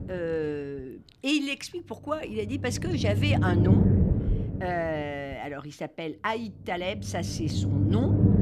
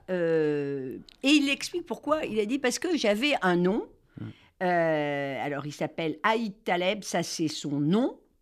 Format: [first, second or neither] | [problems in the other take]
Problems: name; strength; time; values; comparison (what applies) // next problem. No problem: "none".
second | low rumble; loud; throughout; 3 dB below the speech